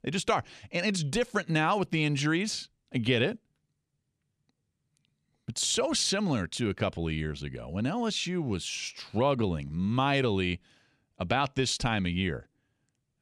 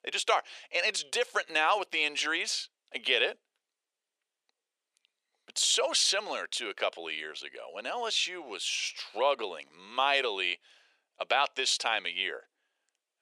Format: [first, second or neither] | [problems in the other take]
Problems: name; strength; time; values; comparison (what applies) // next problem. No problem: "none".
first | thin; very; fading below 500 Hz